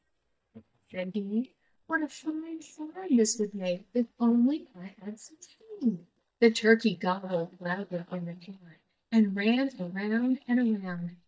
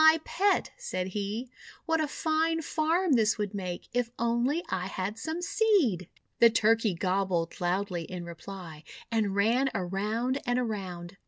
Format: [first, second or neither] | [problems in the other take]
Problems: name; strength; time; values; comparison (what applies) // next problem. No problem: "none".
second | noise reduction (neural mask model DeepFilterNet 3)